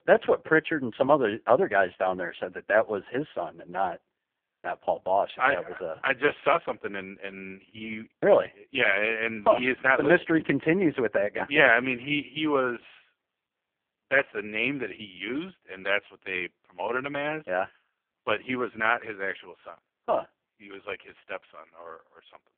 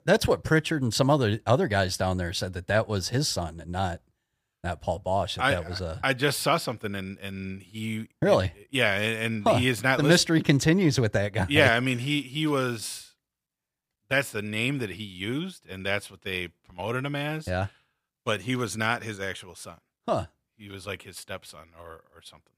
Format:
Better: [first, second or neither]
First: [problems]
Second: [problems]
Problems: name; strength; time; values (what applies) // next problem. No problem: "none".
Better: second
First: phone-call audio; poor line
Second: none